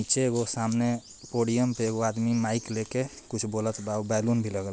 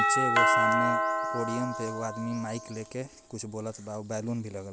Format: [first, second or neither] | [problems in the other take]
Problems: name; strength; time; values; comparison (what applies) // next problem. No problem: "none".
first | background sound (Doorbell); 5 dB above the speech